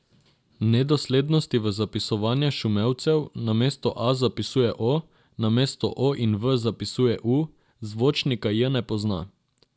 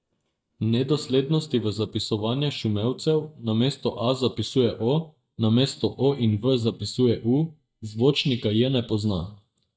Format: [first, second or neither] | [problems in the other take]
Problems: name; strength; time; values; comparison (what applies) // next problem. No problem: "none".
first | noise reduction (neural mask model DeepFilterNet 3)